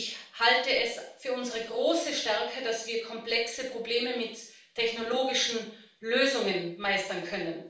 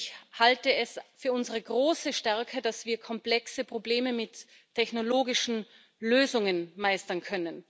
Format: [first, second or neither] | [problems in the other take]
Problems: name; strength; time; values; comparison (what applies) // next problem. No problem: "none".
second | room echo; dies away in 0.5 s